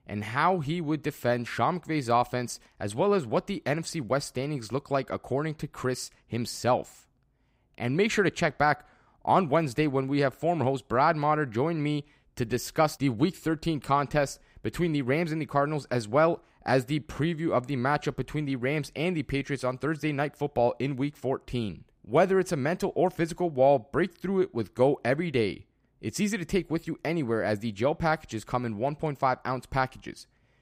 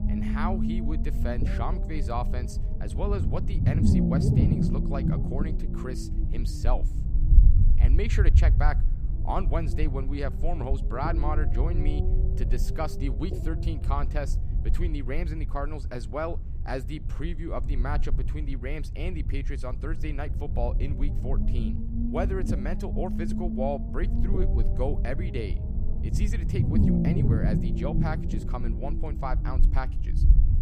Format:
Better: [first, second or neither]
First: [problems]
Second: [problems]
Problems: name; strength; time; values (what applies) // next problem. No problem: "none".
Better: first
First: none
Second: low rumble; loud; throughout; 4 dB below the speech